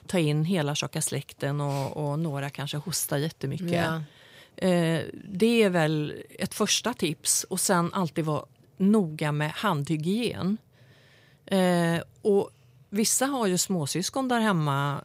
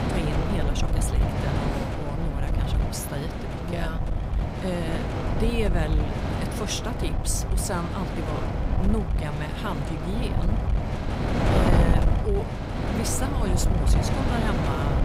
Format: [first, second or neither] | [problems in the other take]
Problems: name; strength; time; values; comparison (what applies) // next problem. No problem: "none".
first | wind noise on the microphone; heavy; 1 dB above the speech